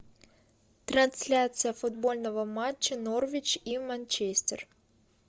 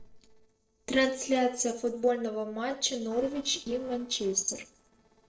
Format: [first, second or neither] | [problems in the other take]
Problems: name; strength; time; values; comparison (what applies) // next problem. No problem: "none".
first | noise reduction (neural separator model SepFormer DNS4)